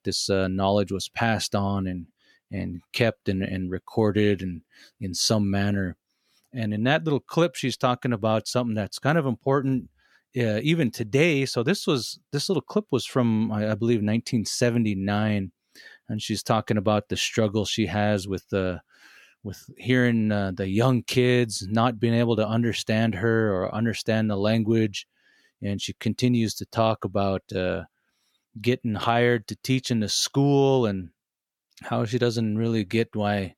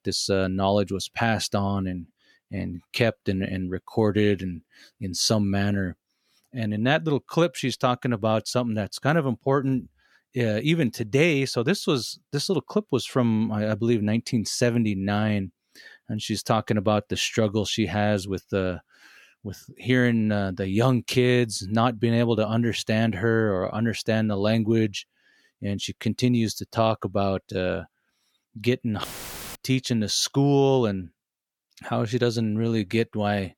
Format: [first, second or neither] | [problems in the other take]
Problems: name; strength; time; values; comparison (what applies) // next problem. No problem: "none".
first | audio cutting out; filled with static; at 29 s for 0.5 s